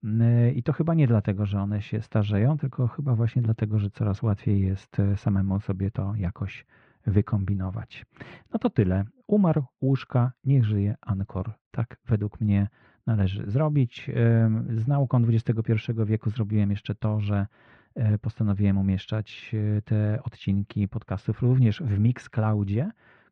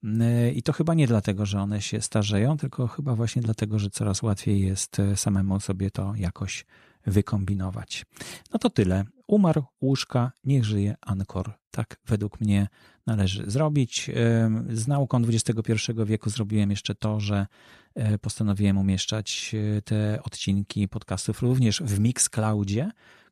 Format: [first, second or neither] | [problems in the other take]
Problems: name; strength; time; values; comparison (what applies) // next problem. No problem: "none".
second | muffled; very; fading above 2.5 kHz